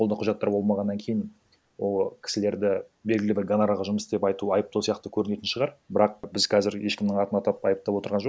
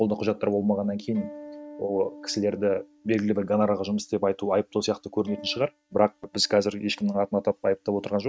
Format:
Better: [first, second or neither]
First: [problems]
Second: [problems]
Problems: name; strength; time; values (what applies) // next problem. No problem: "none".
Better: first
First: none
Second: noise reduction (neural mask model RNNoise)